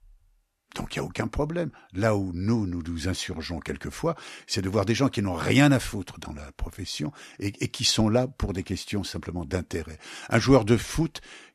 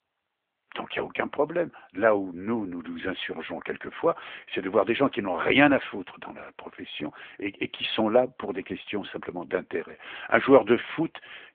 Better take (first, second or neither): first